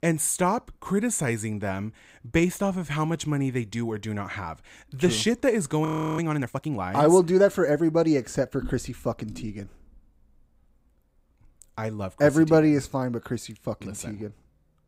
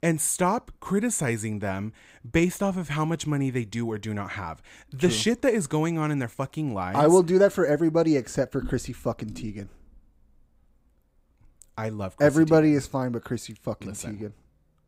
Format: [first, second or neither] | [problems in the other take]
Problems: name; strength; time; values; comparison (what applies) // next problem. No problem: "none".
second | audio freezing; at 6 s